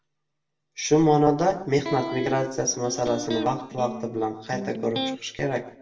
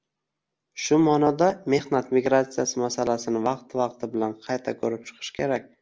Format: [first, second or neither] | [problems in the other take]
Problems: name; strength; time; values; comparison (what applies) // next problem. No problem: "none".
second | background sound (Electric guitar); 9 dB below the speech // room echo; dies away in 0.6 s